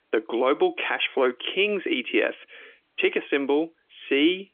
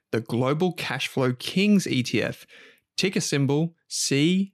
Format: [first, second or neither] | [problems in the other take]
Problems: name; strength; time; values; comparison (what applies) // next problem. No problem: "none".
second | phone-call audio; nothing above 3.5 kHz